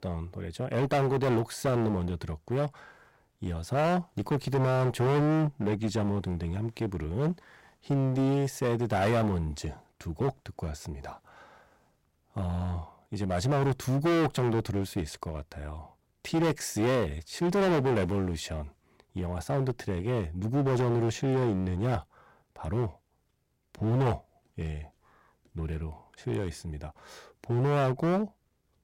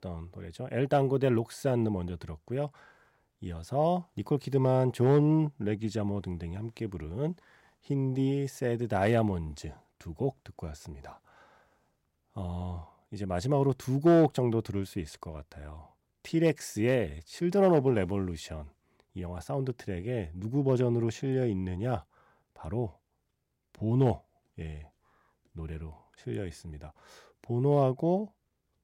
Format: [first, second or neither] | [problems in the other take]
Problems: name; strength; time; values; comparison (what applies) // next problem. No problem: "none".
second | distortion; heavy; 12% of the sound clipped